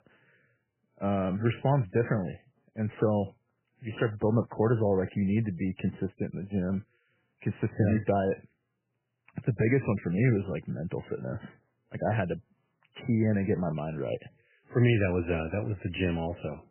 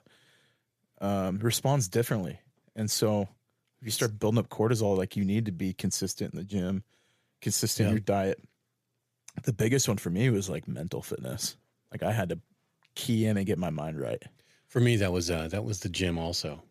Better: second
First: garbled, watery; badly; nothing above 3 kHz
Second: none

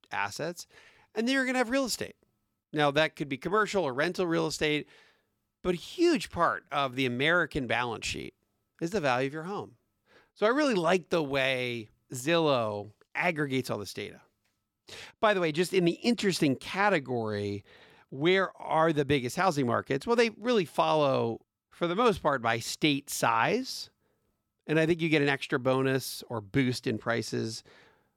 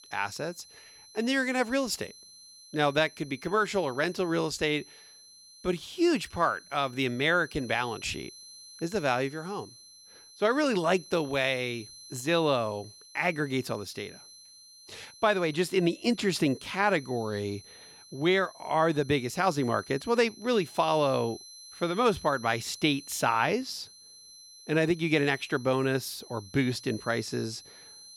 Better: first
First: none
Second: high-pitched whine; noticeable; throughout; 4 kHz, 20 dB below the speech

